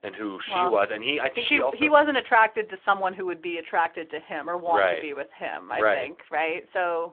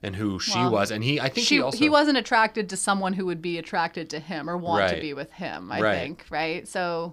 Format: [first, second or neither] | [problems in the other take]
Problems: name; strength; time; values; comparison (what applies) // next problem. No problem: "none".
second | phone-call audio; nothing above 3.5 kHz